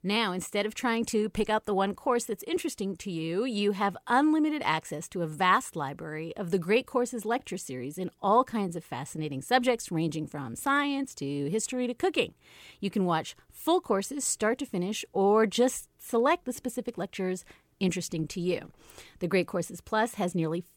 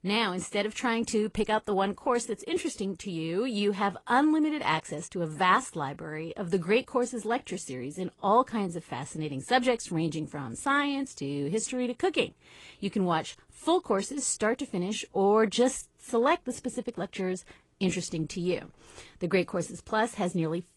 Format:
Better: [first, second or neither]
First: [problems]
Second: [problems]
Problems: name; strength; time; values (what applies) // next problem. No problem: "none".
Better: first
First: none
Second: garbled, watery; slightly